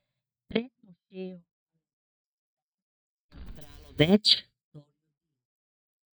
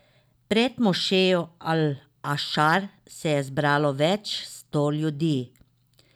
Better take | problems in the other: second | noise reduction (neural mask model DeepFilterNet 3)

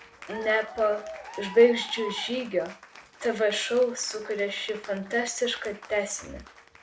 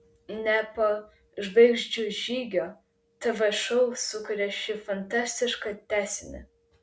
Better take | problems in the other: second | background sound (Applause / Cheering); 16 dB below the speech

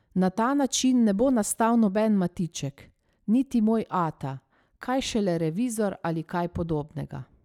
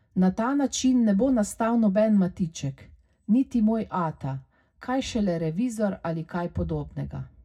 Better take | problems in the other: first | room echo; dies away in 0.4 s

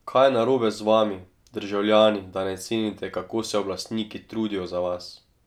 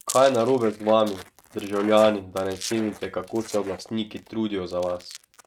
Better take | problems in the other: first | noise reduction (neural mask model RNNoise)

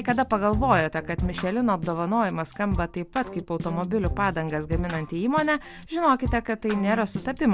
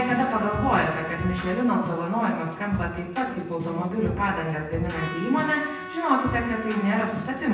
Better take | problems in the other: first | background sound (Trumpet); 14 dB below the speech // room echo; dies away in 0.9 s

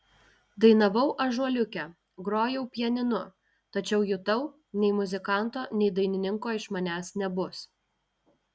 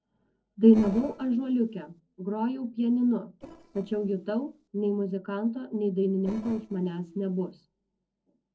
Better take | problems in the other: first | noise reduction (neural separator model SepFormer DNS4)

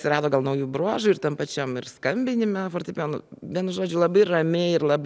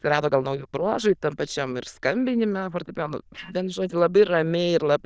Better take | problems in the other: first | noise reduction (neural diffusion model UNIVERSE++)

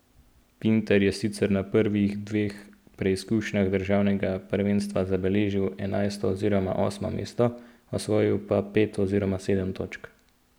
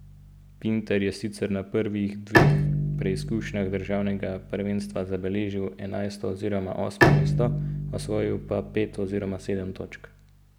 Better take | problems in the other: first | background sound (Bowed string instrument); 1 dB above the speech

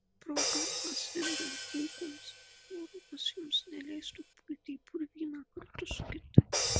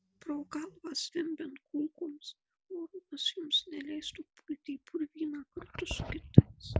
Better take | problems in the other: second | background sound (Crash cymbal + Hi-hat); 5 dB below the speech

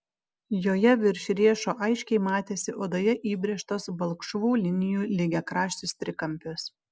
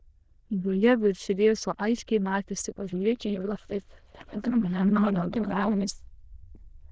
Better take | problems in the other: first | noise reduction (neural diffusion model UNIVERSE++)

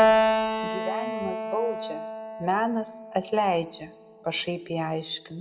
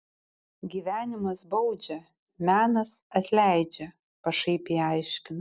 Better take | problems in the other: second | background sound (Keyboard (musical)); 2 dB above the speech // room echo; dies away in 0.7 s

